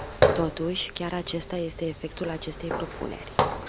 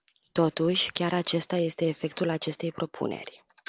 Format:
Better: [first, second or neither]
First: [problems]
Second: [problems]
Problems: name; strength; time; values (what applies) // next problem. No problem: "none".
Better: second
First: background sound (Walk, footsteps); 3 dB above the speech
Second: none